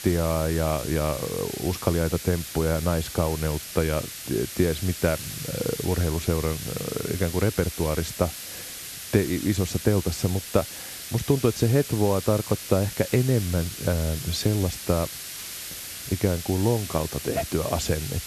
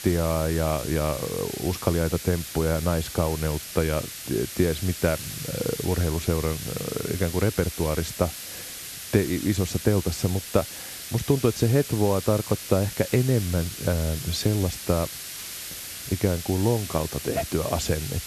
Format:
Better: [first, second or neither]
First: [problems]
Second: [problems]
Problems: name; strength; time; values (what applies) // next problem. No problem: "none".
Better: neither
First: hiss; loud; throughout; 8 dB below the speech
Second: hiss; loud; throughout; 8 dB below the speech